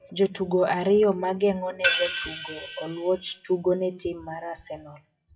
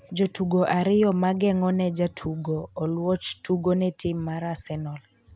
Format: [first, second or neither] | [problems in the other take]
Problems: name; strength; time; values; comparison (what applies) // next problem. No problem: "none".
second | noise reduction (classical method WPE with log-MMSE)